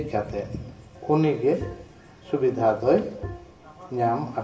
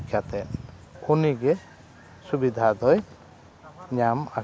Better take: second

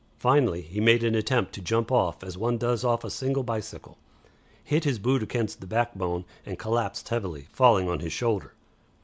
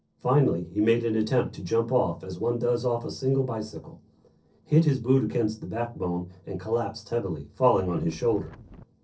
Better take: first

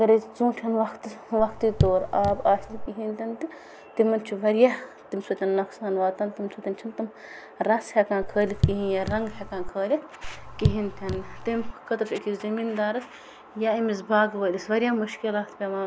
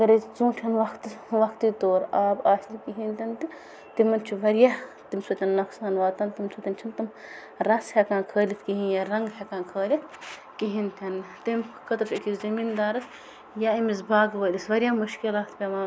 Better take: second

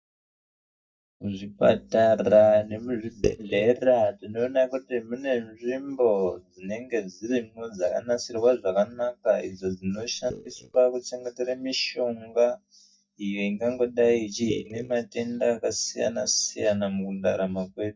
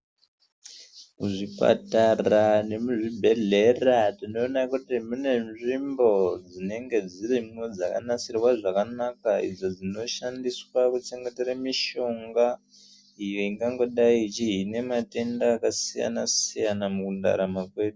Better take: second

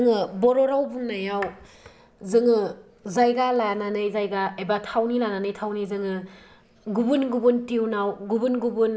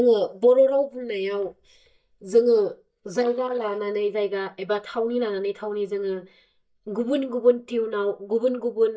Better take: first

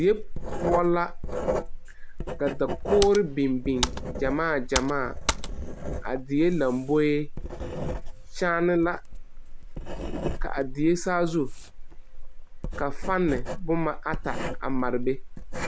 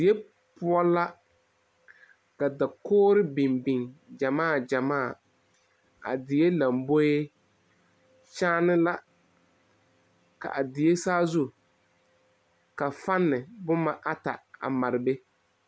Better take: second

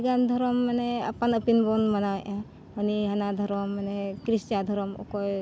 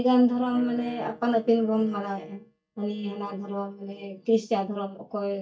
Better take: first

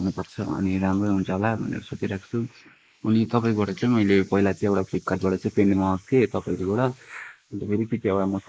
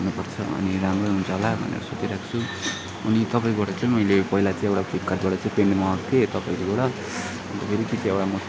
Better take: second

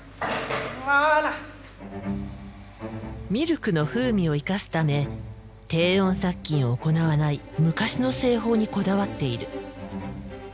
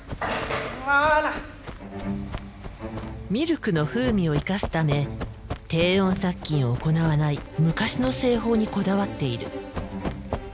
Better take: first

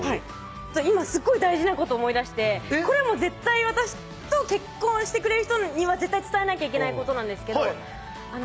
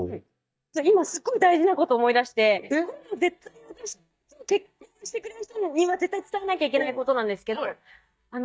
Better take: first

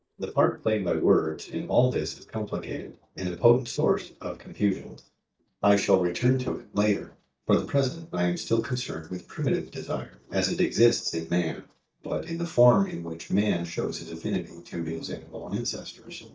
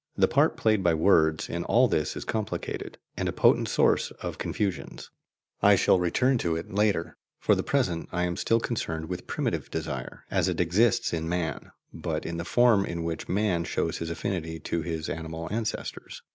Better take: second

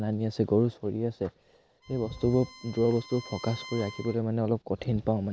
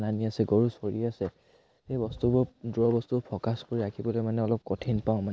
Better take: second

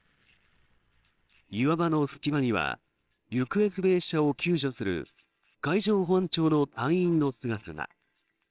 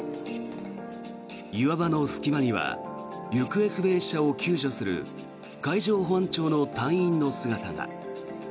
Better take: second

